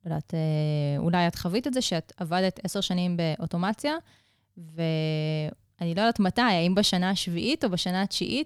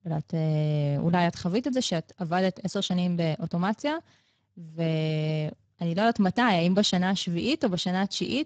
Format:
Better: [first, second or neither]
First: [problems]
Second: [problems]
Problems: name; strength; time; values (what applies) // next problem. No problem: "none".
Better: first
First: none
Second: garbled, watery; badly; nothing above 7.5 kHz